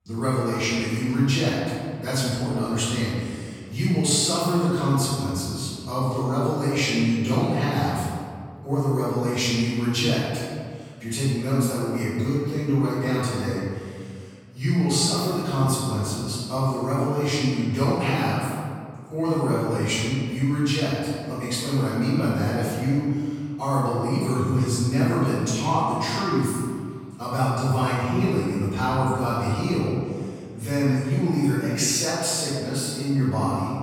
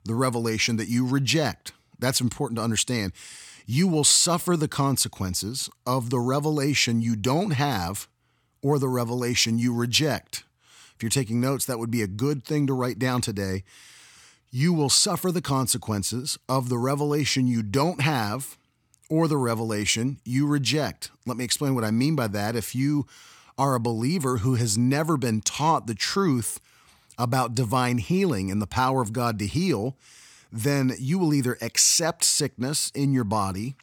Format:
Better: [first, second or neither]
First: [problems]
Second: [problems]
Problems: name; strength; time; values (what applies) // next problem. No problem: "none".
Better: second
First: off-mic speech; far // room echo; strong; dies away in 1.9 s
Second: none